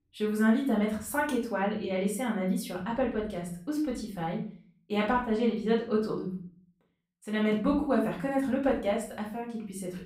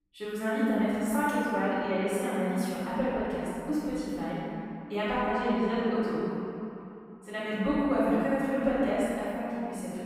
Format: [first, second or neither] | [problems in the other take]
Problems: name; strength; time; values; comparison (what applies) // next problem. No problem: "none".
first | room echo; strong; dies away in 2.7 s; slight in the first // off-mic speech; far; far in the first